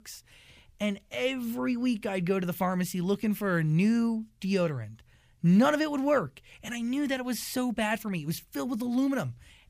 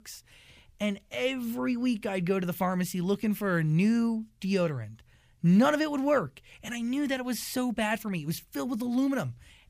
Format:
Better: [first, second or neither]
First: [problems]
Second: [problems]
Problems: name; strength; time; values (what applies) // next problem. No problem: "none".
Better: neither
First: none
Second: none